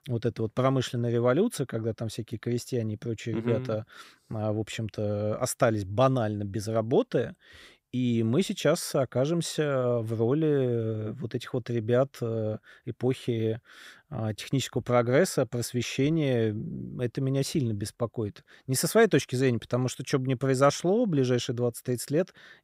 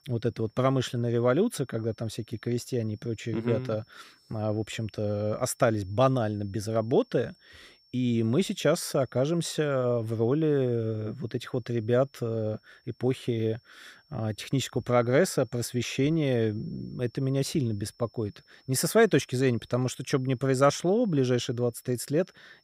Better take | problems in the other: first | high-pitched whine; faint; throughout; 5.5 kHz, 35 dB below the speech

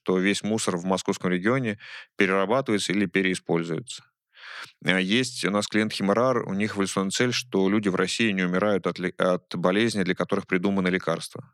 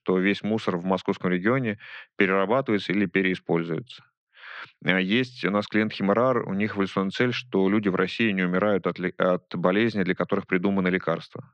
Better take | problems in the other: first | muffled; slightly; fading above 3 kHz

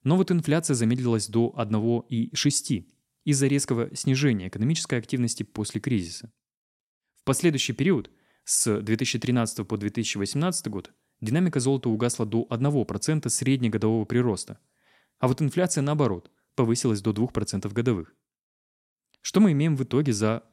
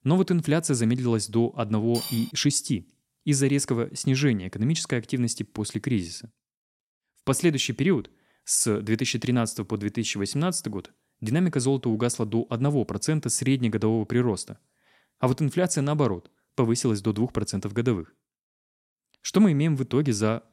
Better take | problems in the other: first | clattering dishes; noticeable; at 2 s; peak 7 dB below the speech

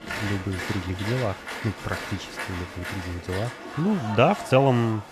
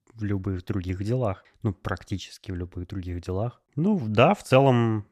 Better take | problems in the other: second | crowd noise; loud; throughout; 8 dB below the speech

